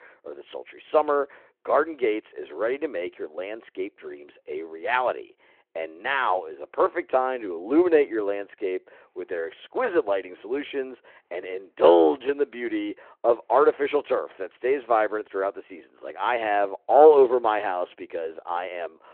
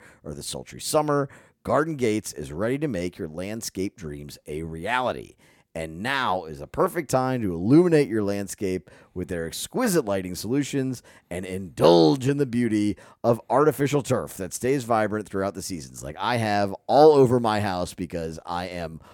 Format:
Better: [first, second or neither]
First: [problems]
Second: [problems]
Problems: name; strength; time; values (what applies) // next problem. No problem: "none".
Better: second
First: phone-call audio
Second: none